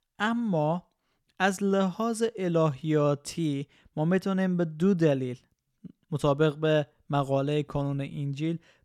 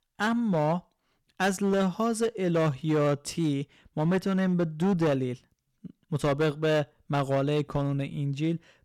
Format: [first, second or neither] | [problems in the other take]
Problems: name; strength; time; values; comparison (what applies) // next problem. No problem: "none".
first | distortion; slight; 8% of the sound clipped